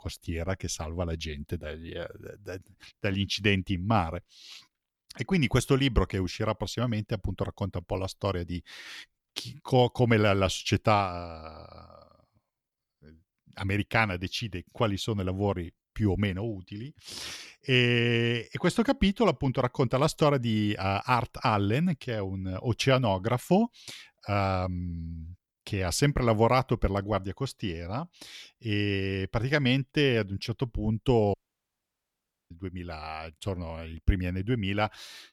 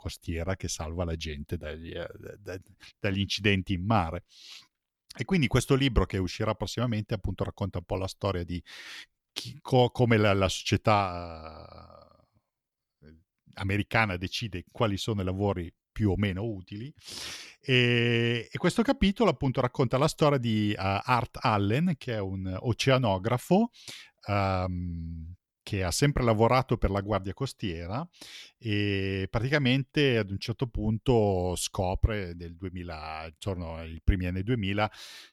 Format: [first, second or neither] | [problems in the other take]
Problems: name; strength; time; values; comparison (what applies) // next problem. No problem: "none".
second | audio cutting out; at 31 s for 1 s